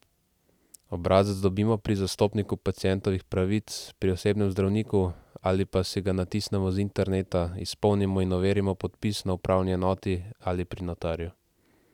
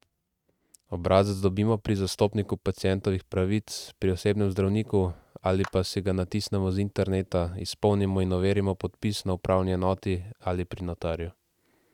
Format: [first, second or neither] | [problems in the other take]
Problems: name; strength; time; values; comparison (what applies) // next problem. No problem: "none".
first | noise reduction (neural mask model RNNoise)